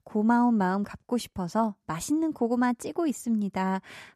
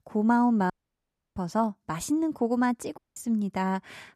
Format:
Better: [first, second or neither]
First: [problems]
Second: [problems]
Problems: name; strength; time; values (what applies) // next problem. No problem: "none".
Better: first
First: none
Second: audio cutting out; at 0.5 s for 0.5 s and at 3 s